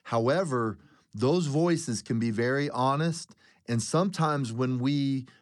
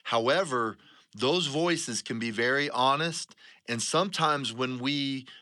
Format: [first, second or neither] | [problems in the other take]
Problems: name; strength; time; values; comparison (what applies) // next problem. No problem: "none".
first | thin; somewhat; fading below 500 Hz